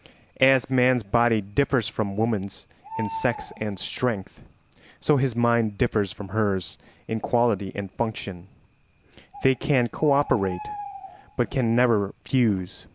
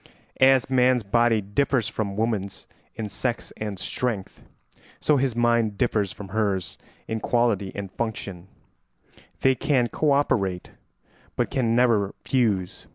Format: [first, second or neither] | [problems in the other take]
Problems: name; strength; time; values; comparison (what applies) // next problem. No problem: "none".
second | background sound (Bird); 18 dB below the speech